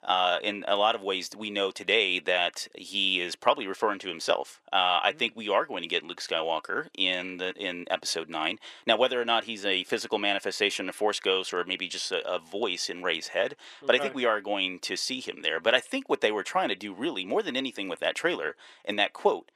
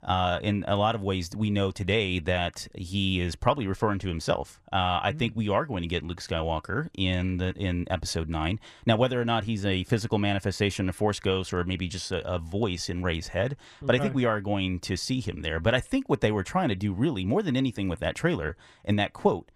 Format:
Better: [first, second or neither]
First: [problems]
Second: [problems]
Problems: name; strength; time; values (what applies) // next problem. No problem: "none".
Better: second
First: thin; somewhat; fading below 350 Hz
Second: none